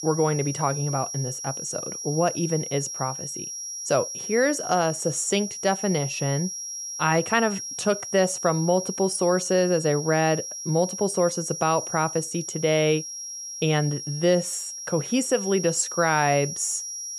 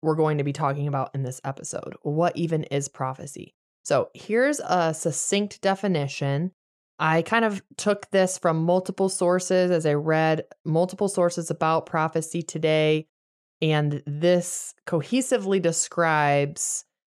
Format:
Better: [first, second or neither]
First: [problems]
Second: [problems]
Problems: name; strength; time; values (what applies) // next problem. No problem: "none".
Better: second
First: high-pitched whine; loud; throughout; 5.5 kHz, 7 dB below the speech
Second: none